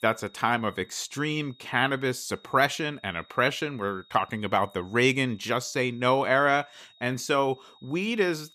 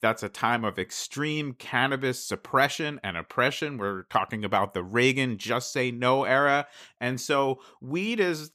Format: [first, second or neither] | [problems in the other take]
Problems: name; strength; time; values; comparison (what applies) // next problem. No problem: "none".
second | high-pitched whine; faint; throughout; 3.5 kHz, 30 dB below the speech